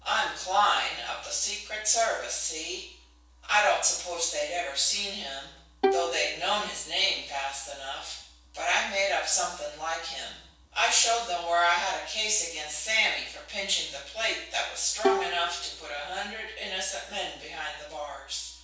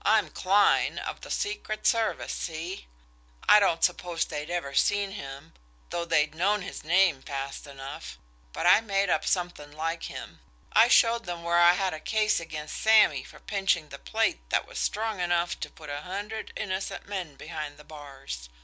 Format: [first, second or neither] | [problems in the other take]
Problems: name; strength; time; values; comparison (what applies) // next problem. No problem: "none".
second | background sound (Bowed string instrument); 2 dB below the speech // room echo; dies away in 0.7 s